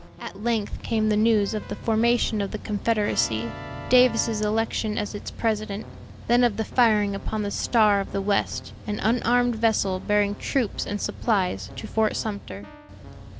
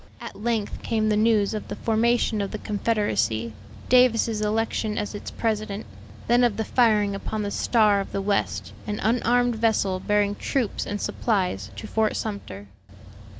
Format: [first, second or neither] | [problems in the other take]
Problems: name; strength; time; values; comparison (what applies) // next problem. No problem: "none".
second | background sound (Keyboard (musical)); 19 dB below the speech